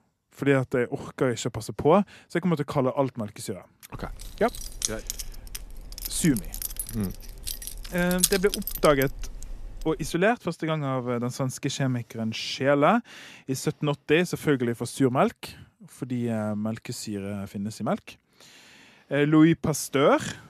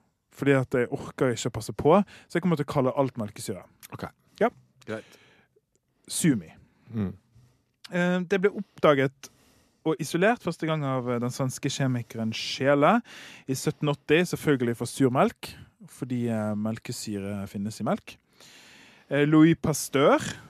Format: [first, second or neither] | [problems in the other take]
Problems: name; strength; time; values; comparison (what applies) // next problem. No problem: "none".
second | jangling keys; loud; from 4 to 10 s; peak 2 dB above the speech